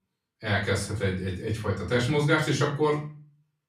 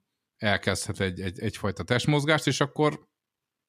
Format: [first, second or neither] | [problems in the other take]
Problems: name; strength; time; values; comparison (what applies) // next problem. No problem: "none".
second | room echo; slight; dies away in 0.3 s // off-mic speech; far